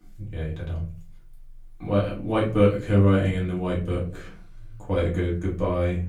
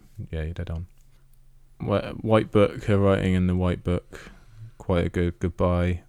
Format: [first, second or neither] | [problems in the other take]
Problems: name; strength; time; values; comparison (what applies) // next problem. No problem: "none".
second | off-mic speech; far // room echo; slight; dies away in 0.3 s